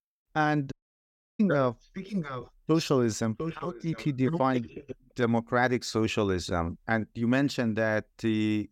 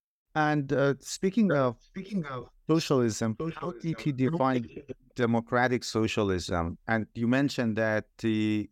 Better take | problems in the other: second | audio cutting out; at 0.5 s for 0.5 s

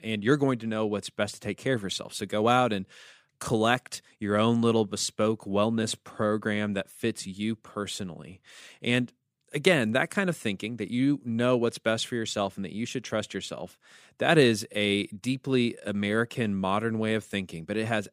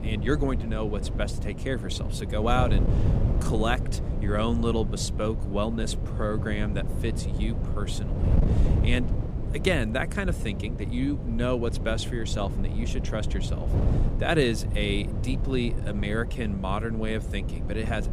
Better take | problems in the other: first | wind noise on the microphone; heavy; 9 dB below the speech

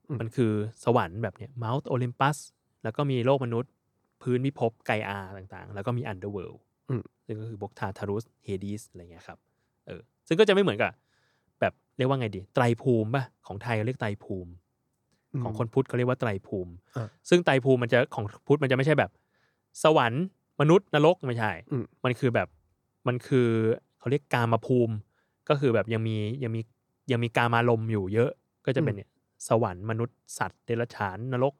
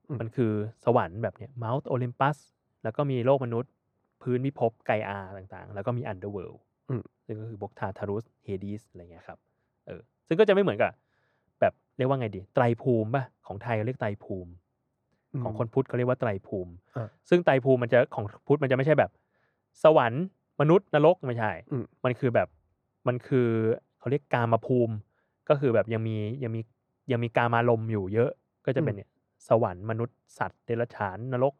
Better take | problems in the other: first | muffled; very; fading above 4 kHz

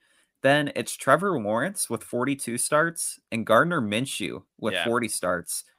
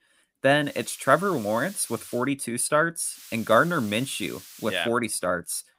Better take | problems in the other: first | hiss; noticeable; from 0.5 to 2 s and from 3 to 5 s; 20 dB below the speech

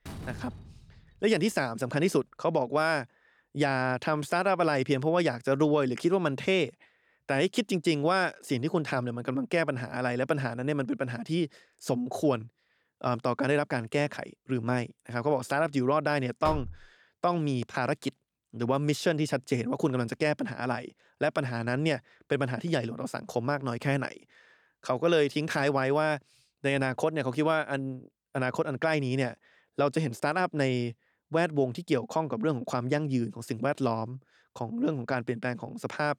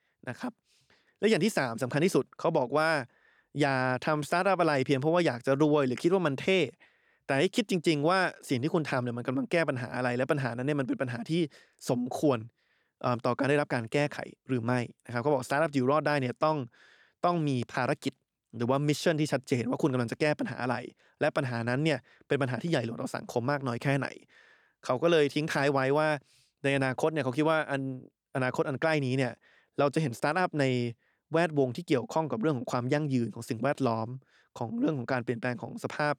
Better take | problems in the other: second | door banging; faint; until 1 s; peak 10 dB below the speech // door banging; noticeable; at 16 s; peak 8 dB below the speech

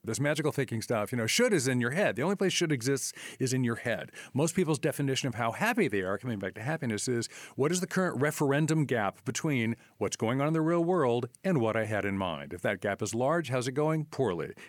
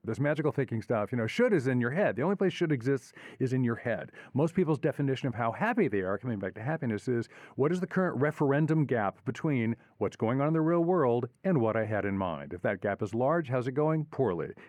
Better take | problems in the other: first | muffled; very; fading above 3 kHz

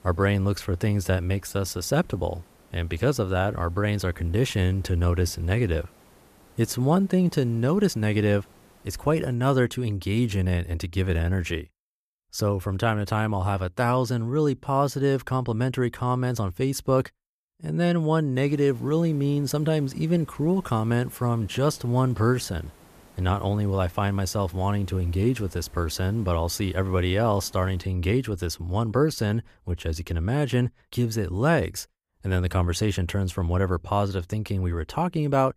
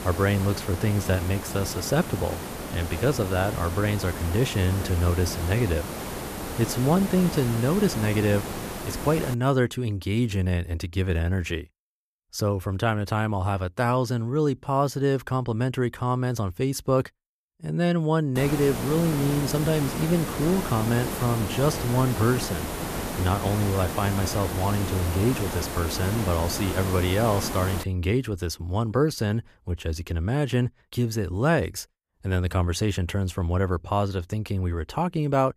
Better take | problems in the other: first | hiss; loud; until 9.5 s and from 18 to 28 s; 7 dB below the speech; faint in the first

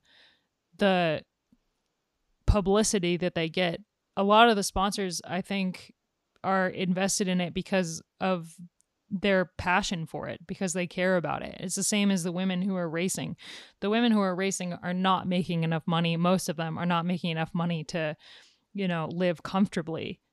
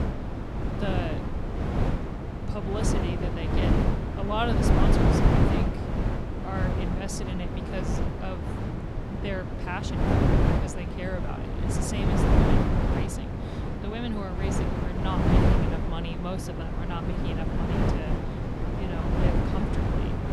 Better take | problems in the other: first | wind noise on the microphone; heavy; 4 dB above the speech

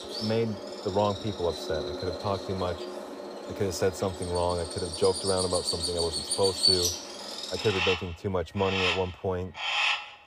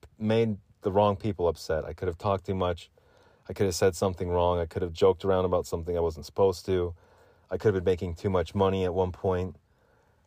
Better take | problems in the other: second | animal sounds; very loud; throughout; as loud as the speech

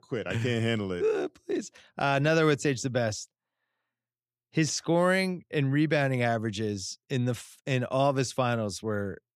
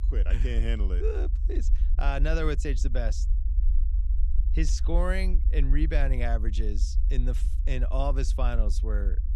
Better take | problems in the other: first | low rumble; noticeable; throughout; 15 dB below the speech

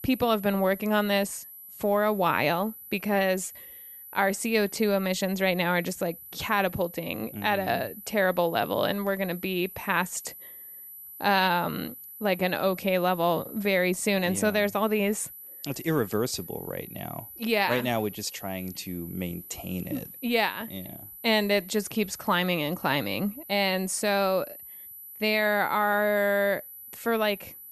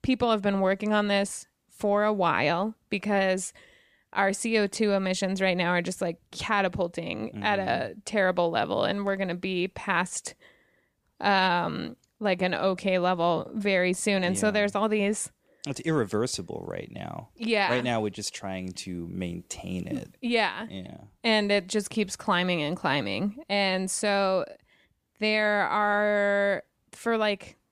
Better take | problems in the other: second | high-pitched whine; noticeable; throughout; 12 kHz, 15 dB below the speech

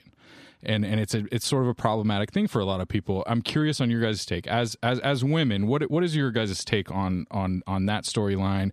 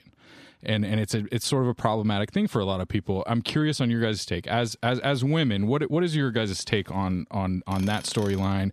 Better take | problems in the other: first | machinery noise; very faint; throughout; 20 dB below the speech

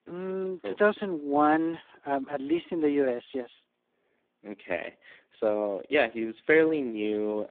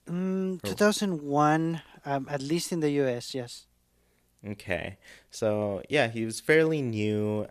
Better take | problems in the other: second | phone-call audio; poor line; nothing above 3.5 kHz

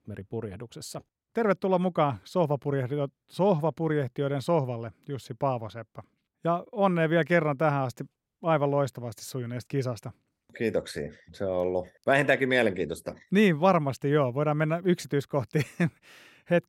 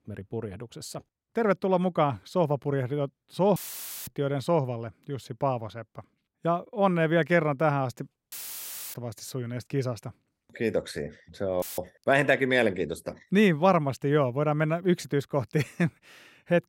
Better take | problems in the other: first | audio cutting out; filled with static; at 3.5 s for 0.5 s, at 8.5 s for 0.5 s and at 12 s

